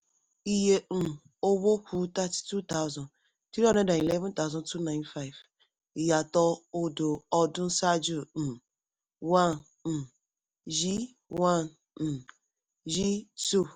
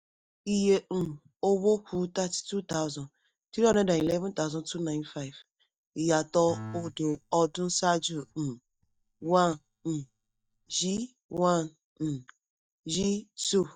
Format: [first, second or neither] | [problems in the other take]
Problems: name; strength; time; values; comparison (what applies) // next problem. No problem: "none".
first | noise reduction (neural mask model DeepFilterNet 3)